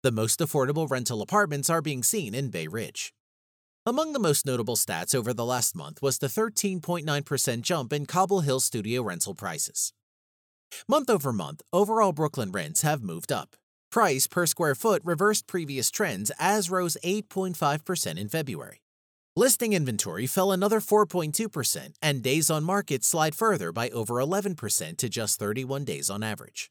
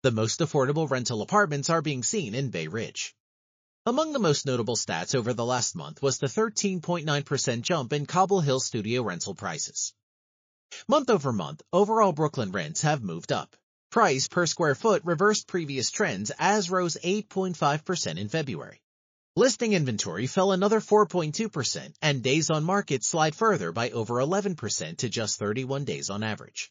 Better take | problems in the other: first | garbled, watery; slightly

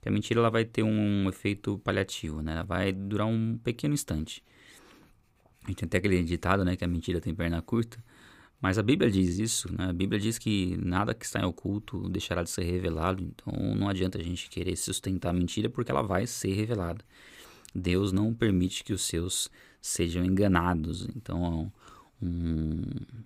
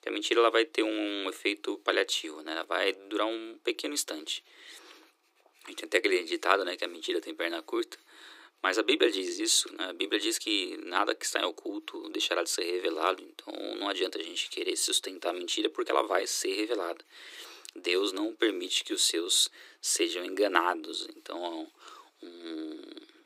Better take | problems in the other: first | thin; very; fading below 300 Hz

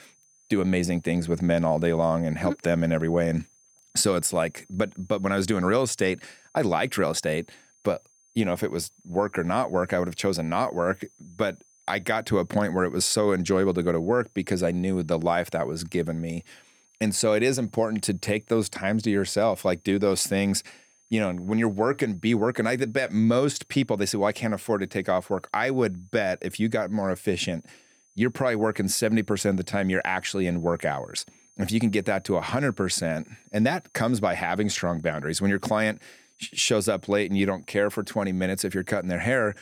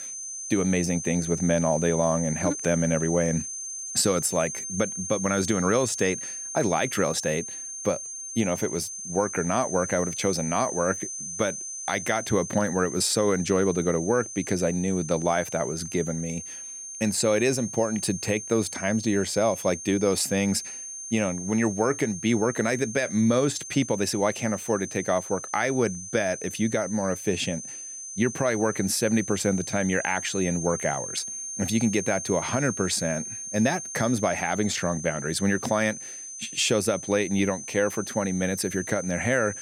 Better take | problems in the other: first | high-pitched whine; loud; throughout; 6.5 kHz, 8 dB below the speech; faint in the first

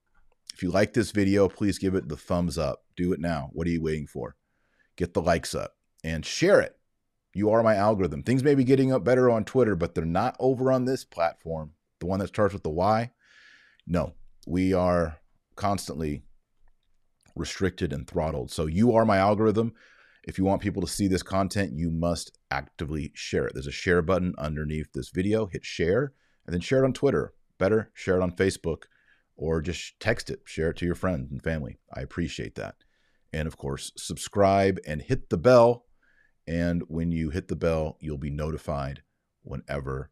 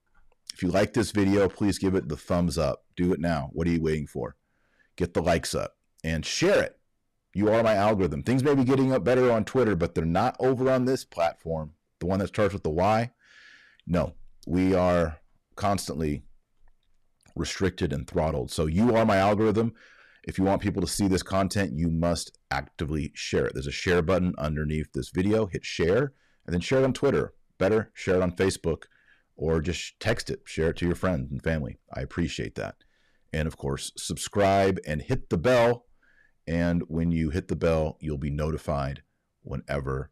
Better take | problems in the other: first | distortion; slight; 6% of the sound clipped

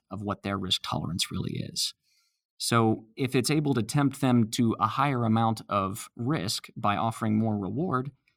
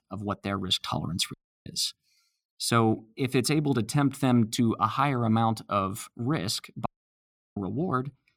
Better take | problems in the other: first | audio cutting out; at 1.5 s and at 7 s for 0.5 s

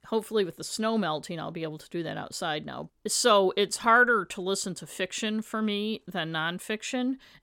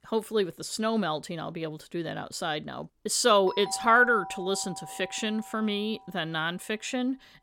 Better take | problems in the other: first | doorbell; noticeable; from 3.5 to 6 s; peak 10 dB below the speech

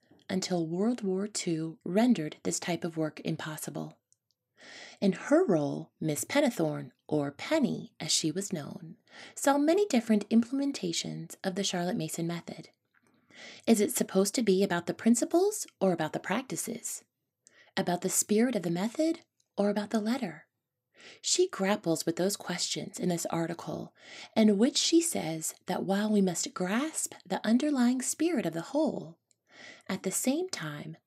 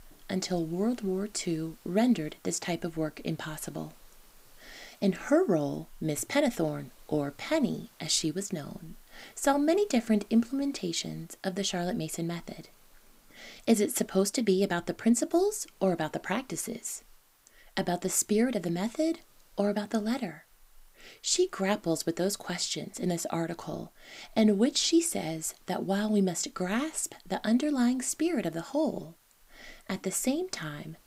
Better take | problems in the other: first | hiss; faint; throughout; 30 dB below the speech

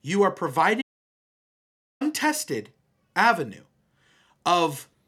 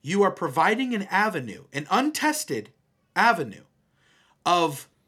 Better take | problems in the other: second | audio cutting out; at 1 s for 1 s

